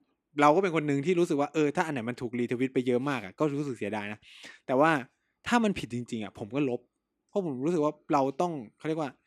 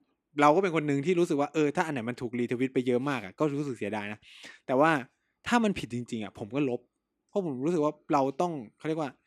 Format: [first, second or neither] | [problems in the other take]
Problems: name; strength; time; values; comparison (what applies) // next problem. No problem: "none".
neither | none